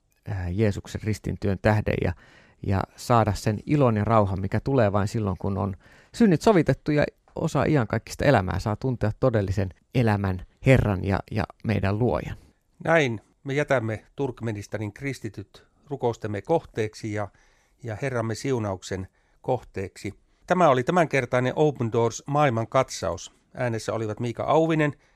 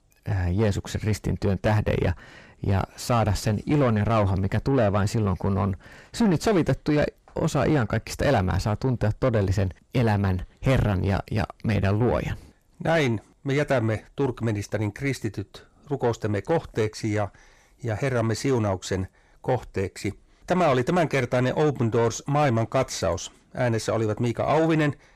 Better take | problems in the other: first | distortion; heavy; 7 dB below the speech

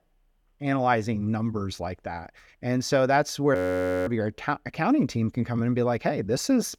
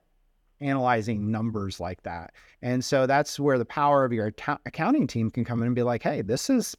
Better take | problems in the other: second | audio freezing; at 3.5 s for 0.5 s

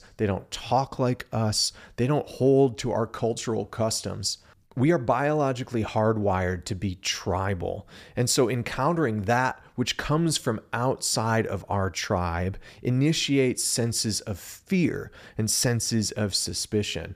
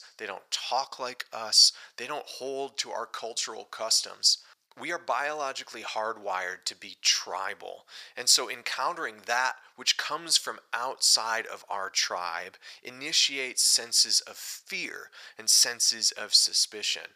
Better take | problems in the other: first | thin; very; fading below 1 kHz

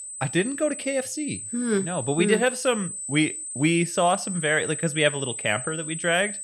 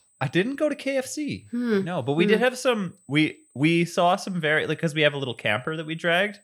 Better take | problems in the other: second | high-pitched whine; loud; throughout; 8 kHz, 7 dB below the speech; faint in the second

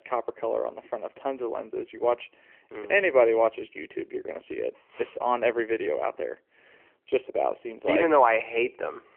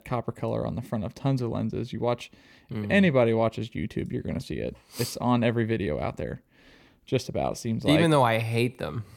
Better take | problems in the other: second | phone-call audio

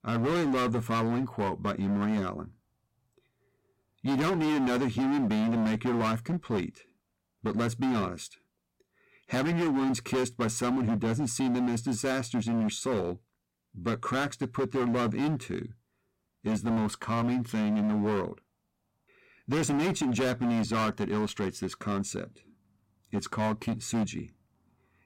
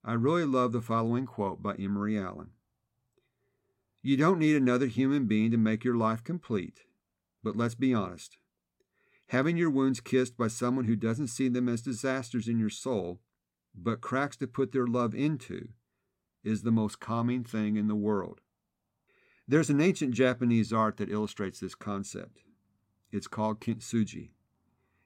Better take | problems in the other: second | distortion; heavy; 21% of the sound clipped

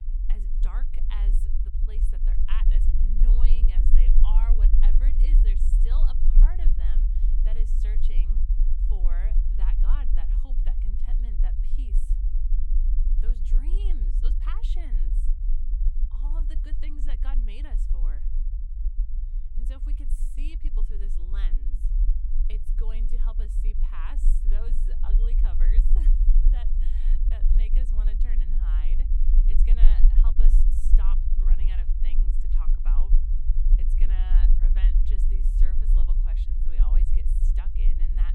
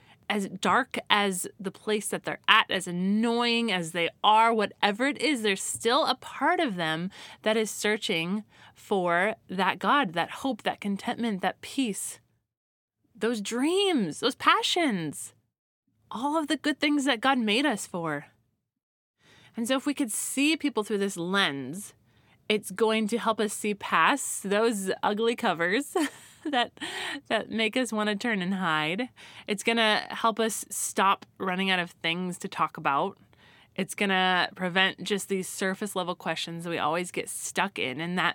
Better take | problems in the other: second | low rumble; loud; throughout; 3 dB below the speech

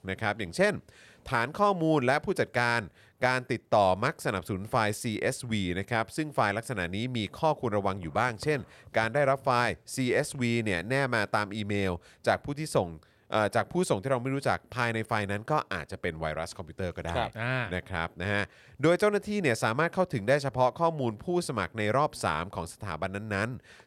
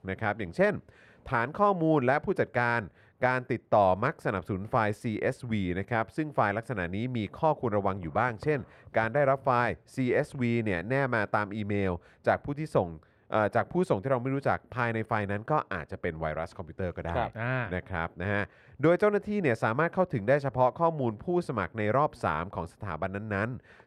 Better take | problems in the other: first | muffled; slightly; fading above 3 kHz

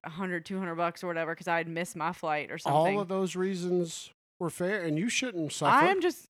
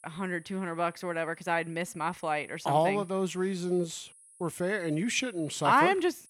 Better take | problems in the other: first | high-pitched whine; faint; throughout; 10.5 kHz, 25 dB below the speech

